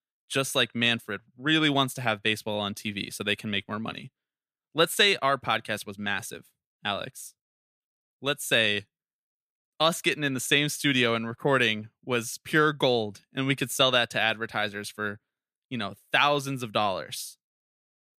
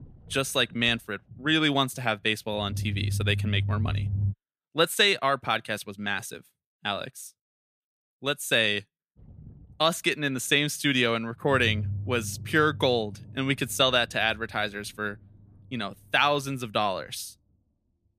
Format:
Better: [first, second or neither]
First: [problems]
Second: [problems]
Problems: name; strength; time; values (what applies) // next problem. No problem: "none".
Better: first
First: none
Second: low rumble; faint; until 4.5 s and from 9 s on; 20 dB below the speech